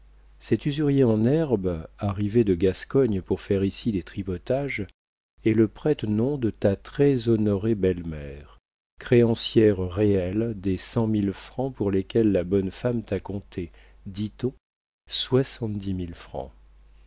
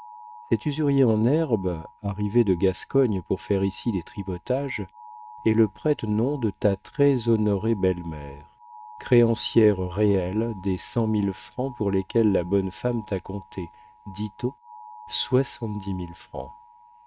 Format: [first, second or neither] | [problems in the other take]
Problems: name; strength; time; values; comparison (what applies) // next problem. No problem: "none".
first | noise reduction (neural mask model RNNoise)